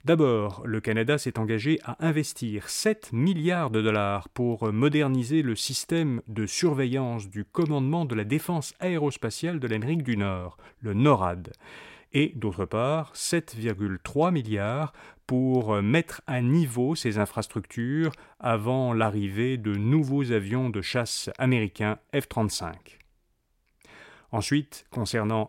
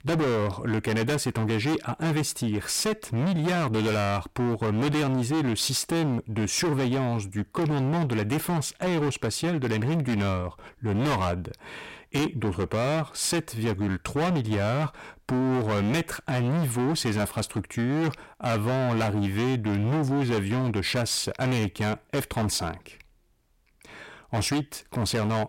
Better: first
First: none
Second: distortion; heavy; 27% of the sound clipped

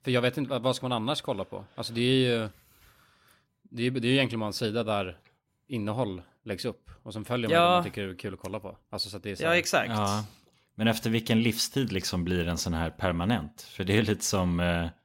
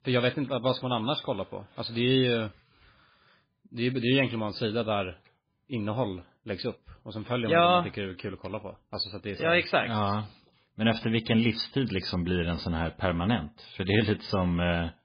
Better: first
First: none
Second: garbled, watery; badly; nothing above 4.5 kHz

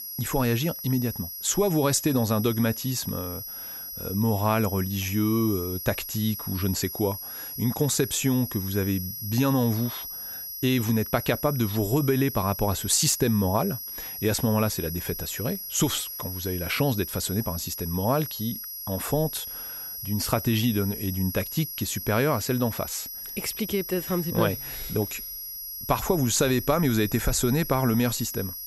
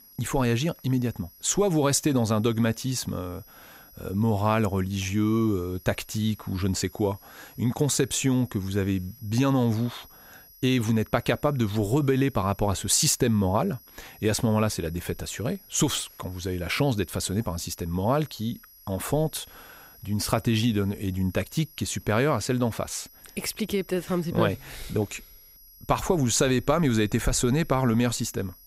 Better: second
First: high-pitched whine; loud; throughout; 11.5 kHz, 7 dB below the speech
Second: high-pitched whine; faint; throughout; 11.5 kHz, 25 dB below the speech

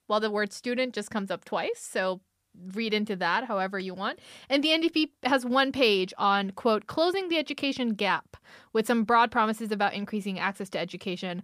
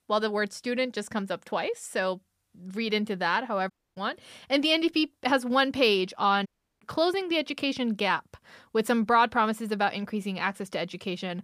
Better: first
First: none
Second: audio cutting out; at 3.5 s and at 6.5 s

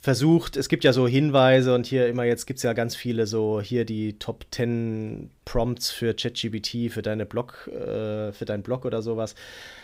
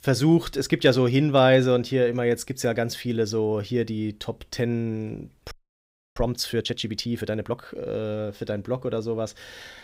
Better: first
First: none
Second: audio freezing; at 5.5 s for 0.5 s

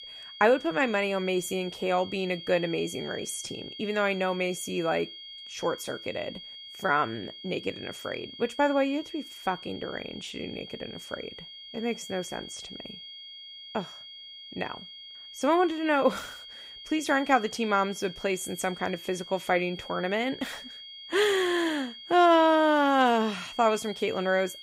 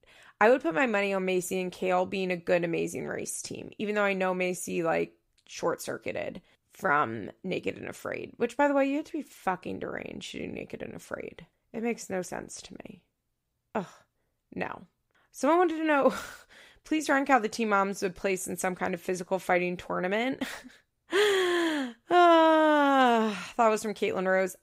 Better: second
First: high-pitched whine; noticeable; throughout; 3.5 kHz, 15 dB below the speech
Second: none

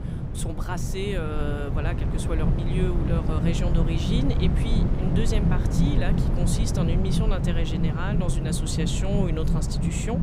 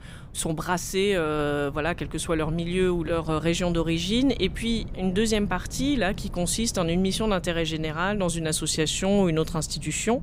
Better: second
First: low rumble; loud; throughout; 1 dB below the speech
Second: low rumble; faint; throughout; 20 dB below the speech

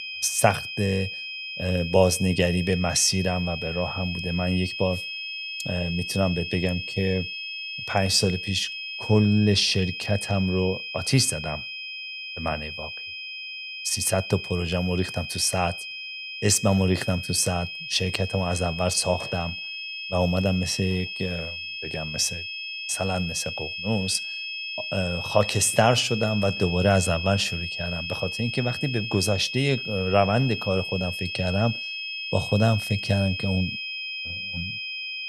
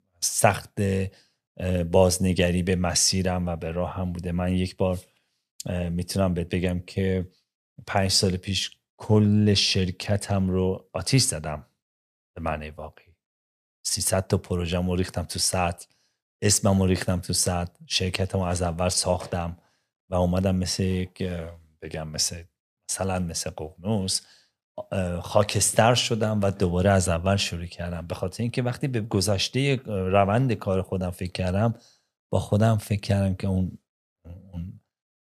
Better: second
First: high-pitched whine; loud; throughout; 2.5 kHz, 6 dB below the speech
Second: none

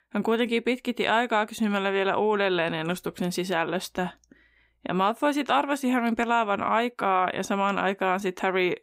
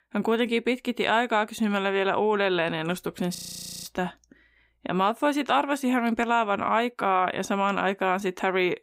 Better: first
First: none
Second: audio freezing; at 3.5 s for 0.5 s

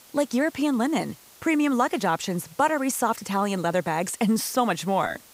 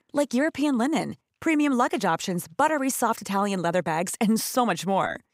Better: second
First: hiss; faint; throughout; 25 dB below the speech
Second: none

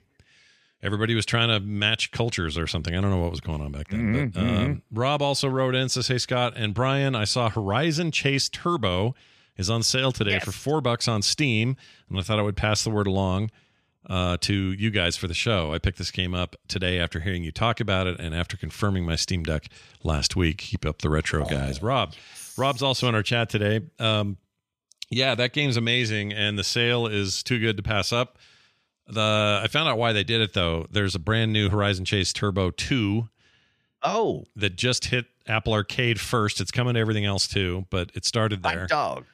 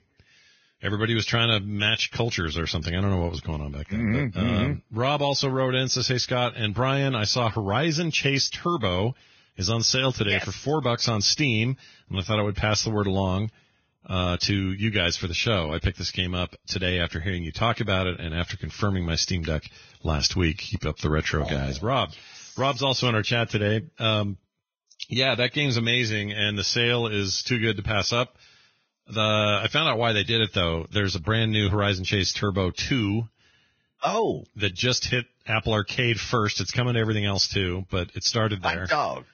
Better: first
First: none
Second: garbled, watery; badly; nothing above 6.5 kHz

